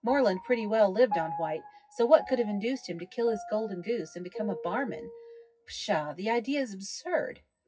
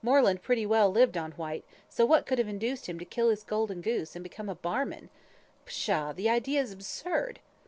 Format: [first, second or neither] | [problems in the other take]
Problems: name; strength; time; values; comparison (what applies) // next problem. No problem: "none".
second | noise reduction (classical method WPE with log-MMSE)